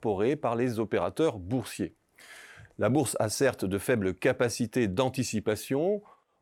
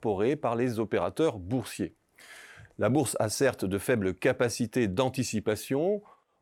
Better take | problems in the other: neither | none

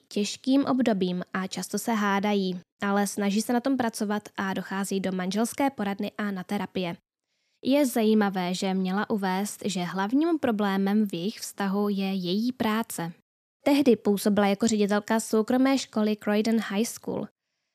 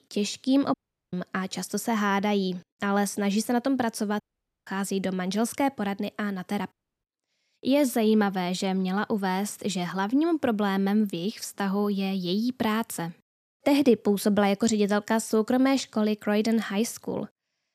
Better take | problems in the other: first | audio cutting out; at 0.5 s, at 4 s and at 6.5 s

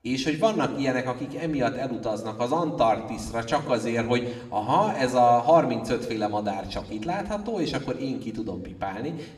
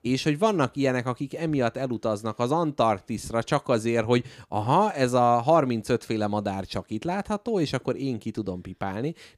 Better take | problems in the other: second | room echo; slight; dies away in 1 s // off-mic speech; somewhat distant

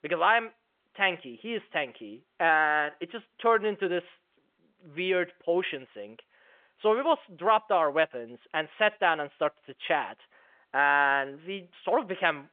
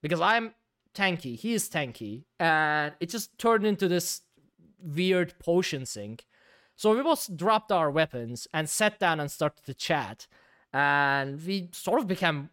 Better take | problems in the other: second | phone-call audio; nothing above 3.5 kHz

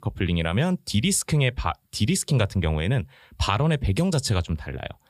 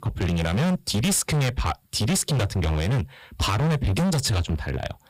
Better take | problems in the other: first | distortion; heavy; 27% of the sound clipped

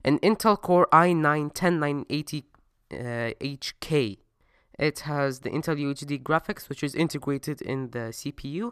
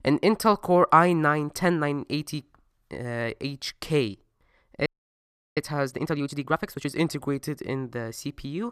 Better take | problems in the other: first | audio freezing; at 5 s for 0.5 s

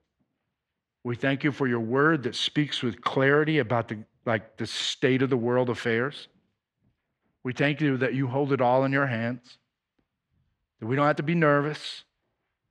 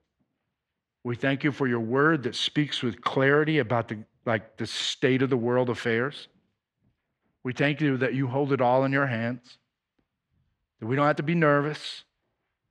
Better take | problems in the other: neither | muffled; slightly; fading above 3 kHz; the same in both

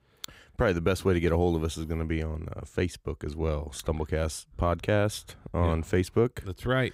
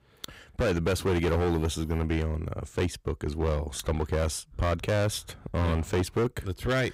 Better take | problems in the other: first | distortion; heavy; 15% of the sound clipped

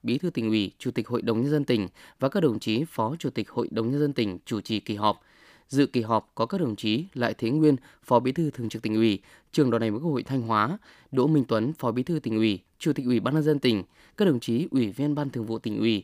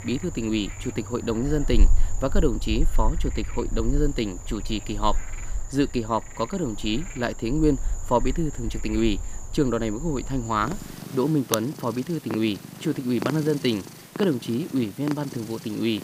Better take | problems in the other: first | animal sounds; loud; throughout; 7 dB below the speech

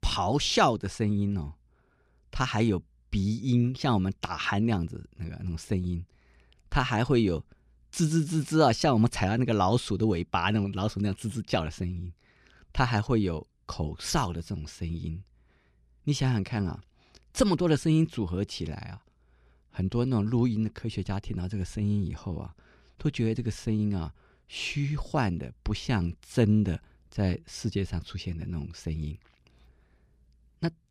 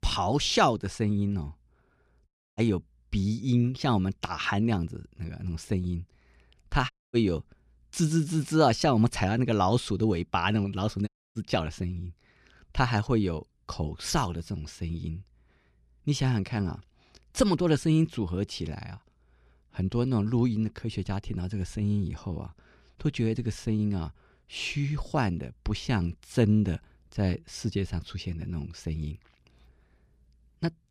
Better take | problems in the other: first | audio cutting out; at 2.5 s, at 7 s and at 11 s

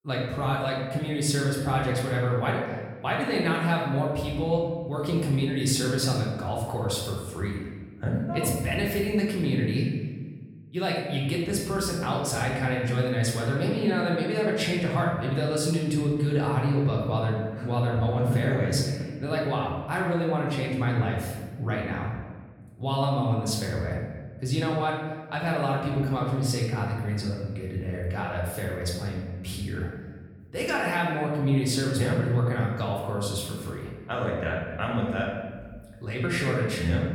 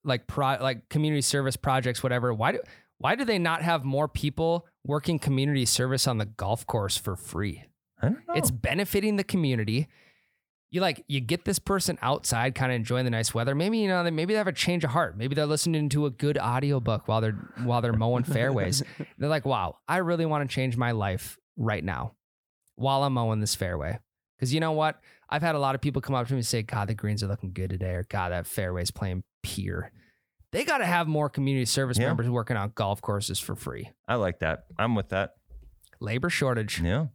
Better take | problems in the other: second | room echo; noticeable; dies away in 1.3 s // off-mic speech; far

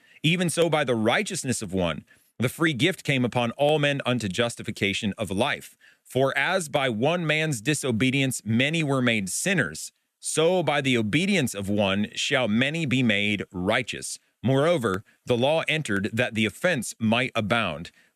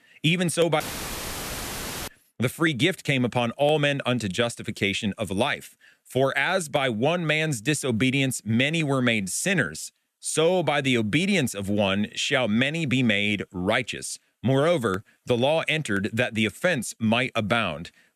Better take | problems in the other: first | audio cutting out; filled with static; at 1 s for 1.5 s

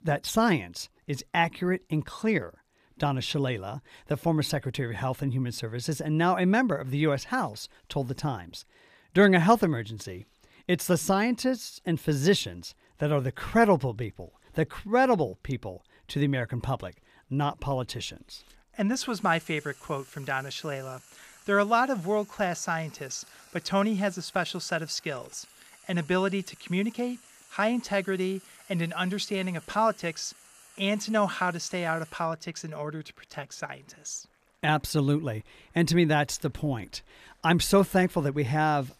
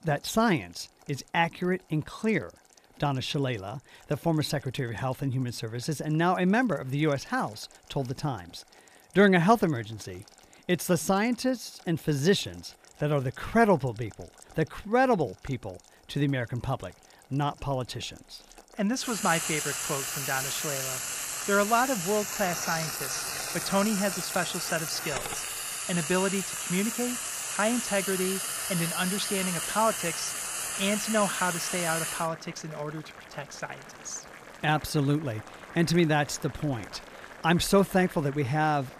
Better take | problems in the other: first | household noises; loud; throughout; 3 dB below the speech; faint in the first

